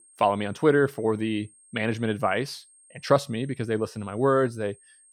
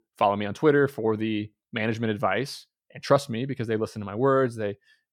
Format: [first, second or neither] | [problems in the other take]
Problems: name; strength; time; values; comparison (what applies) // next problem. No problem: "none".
second | high-pitched whine; faint; throughout; 8.5 kHz, 30 dB below the speech